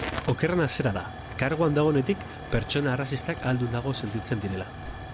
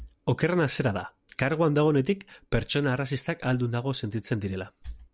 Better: second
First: background sound (Tick / Hiss / Explosion / Fire); 10 dB below the speech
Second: none

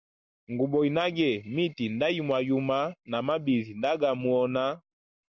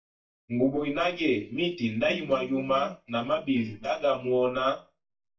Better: first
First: none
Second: noise reduction (neural mask model DeepFilterNet 3)

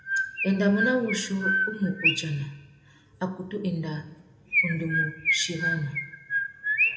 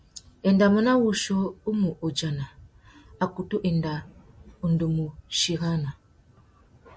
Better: second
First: background sound (Chirp, tweet); as loud as the speech // room echo; dies away in 0.8 s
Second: none

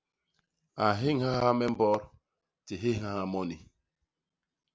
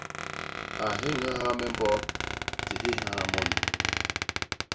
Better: first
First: none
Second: background sound (Squeak); 2 dB above the speech // room echo; dies away in 0.2 s

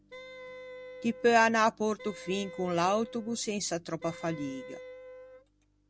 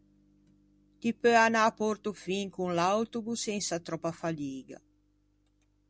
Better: second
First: background sound (Wind instrument, woodwind instrument); 15 dB below the speech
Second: none

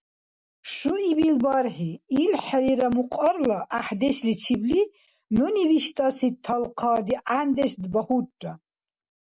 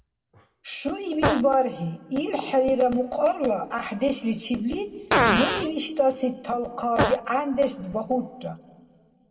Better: first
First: none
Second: background sound (Fart); 5 dB below the speech // room echo; dies away in 1.2 s

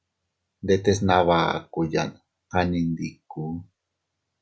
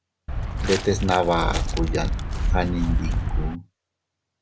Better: first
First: none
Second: background sound (Walk, footsteps); 2 dB above the speech

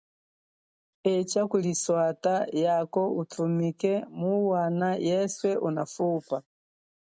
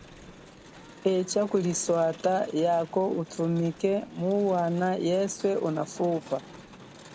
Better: first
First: none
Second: background sound (Crowd); 19 dB below the speech

